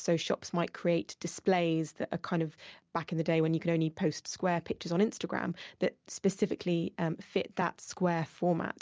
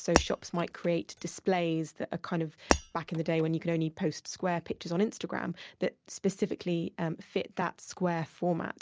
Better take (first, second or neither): first